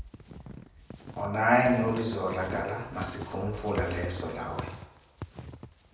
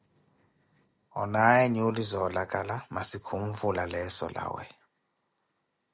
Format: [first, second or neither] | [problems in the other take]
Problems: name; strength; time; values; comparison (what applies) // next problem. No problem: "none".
second | background sound (Squeak / Walk, footsteps); 11 dB below the speech // room echo; dies away in 0.9 s